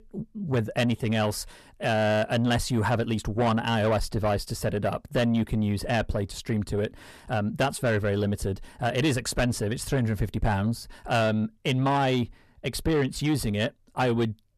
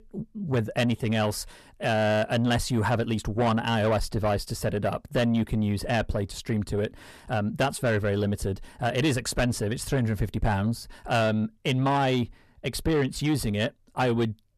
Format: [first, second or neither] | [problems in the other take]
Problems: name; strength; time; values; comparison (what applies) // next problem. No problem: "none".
neither | distortion; slight; 10 dB below the speech; the same in both